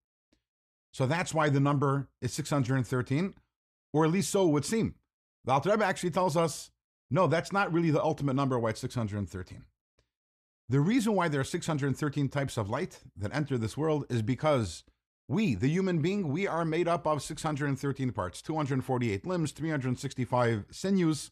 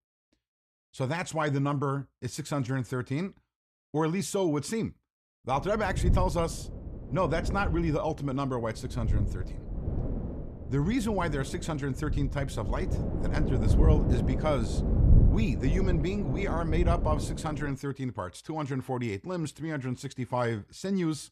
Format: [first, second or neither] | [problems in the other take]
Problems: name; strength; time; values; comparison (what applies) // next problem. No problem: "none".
first | wind noise on the microphone; heavy; from 5.5 to 18 s; 8 dB below the speech